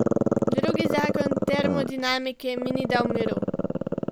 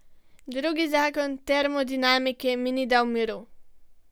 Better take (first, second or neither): second